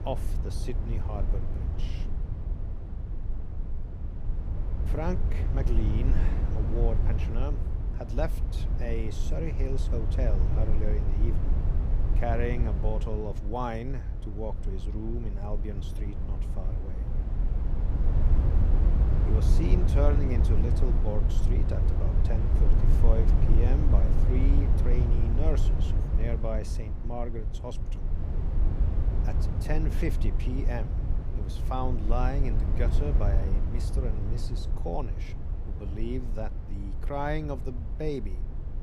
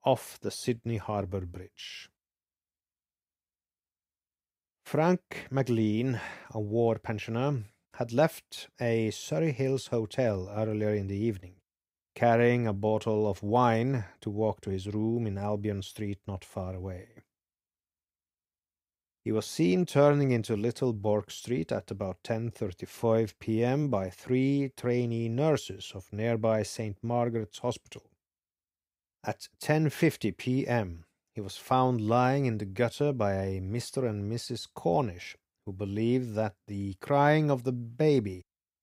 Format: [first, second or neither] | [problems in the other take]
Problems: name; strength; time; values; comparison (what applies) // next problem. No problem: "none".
second | low rumble; loud; throughout; 5 dB below the speech